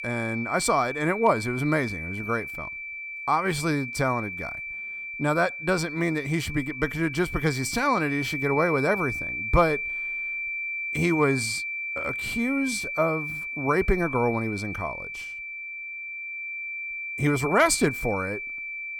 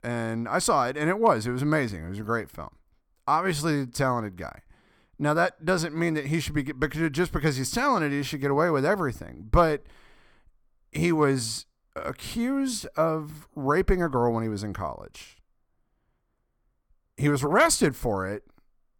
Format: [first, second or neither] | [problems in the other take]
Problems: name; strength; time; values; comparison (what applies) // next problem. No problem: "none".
second | high-pitched whine; loud; throughout; 2.5 kHz, 5 dB below the speech